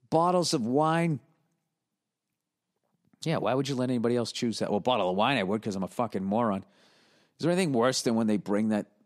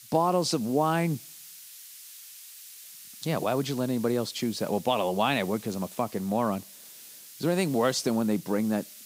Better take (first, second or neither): first